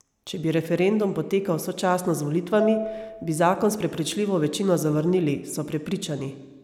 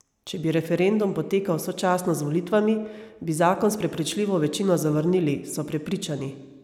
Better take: second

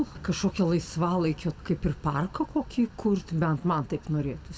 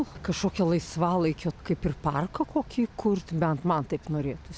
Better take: second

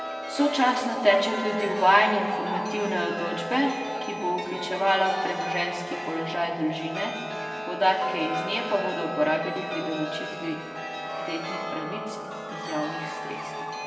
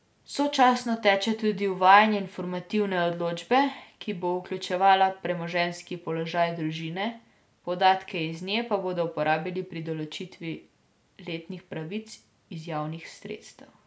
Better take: second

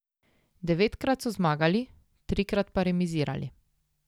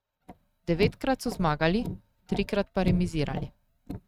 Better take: first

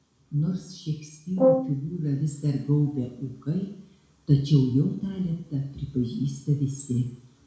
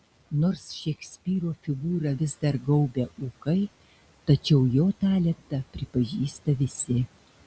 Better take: second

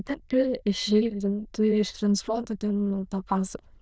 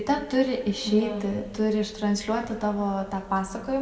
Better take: second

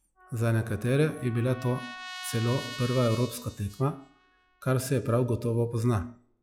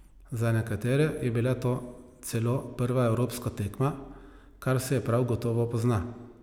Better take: second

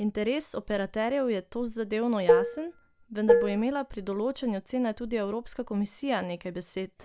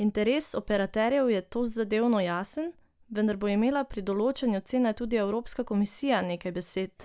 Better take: second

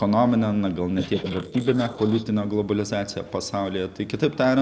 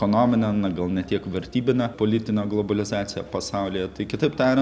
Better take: second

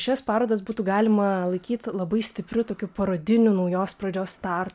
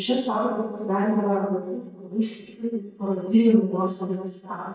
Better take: first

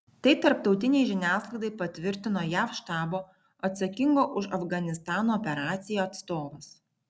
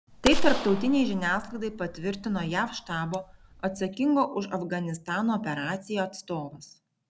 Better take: first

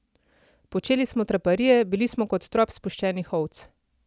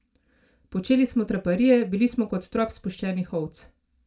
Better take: first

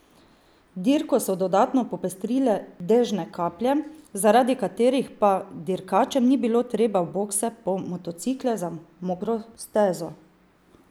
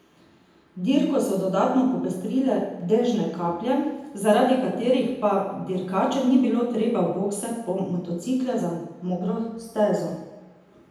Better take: first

